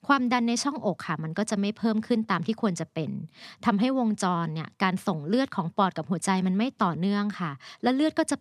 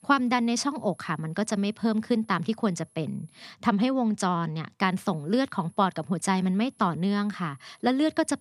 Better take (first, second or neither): first